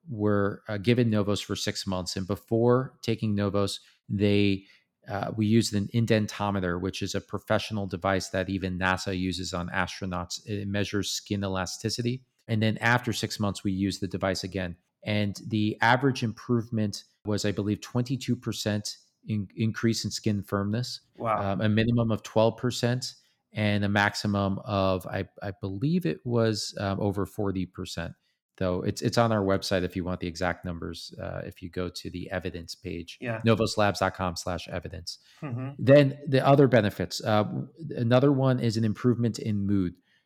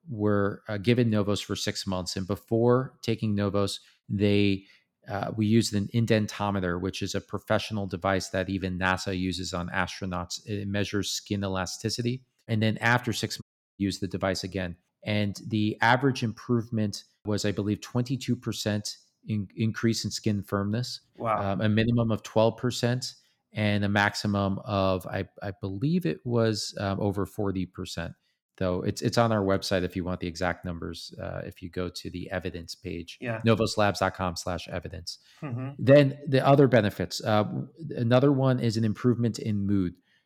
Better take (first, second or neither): first